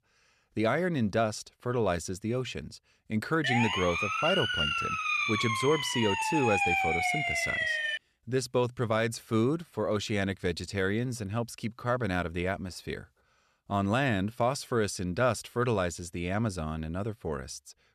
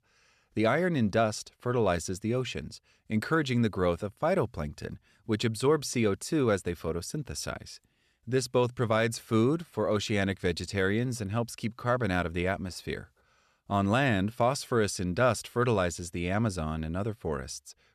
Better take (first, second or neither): second